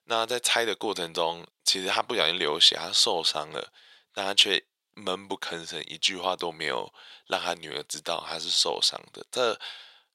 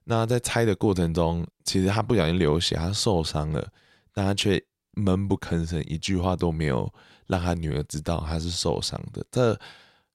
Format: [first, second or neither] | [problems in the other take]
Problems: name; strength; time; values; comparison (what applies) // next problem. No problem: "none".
second | thin; very; fading below 650 Hz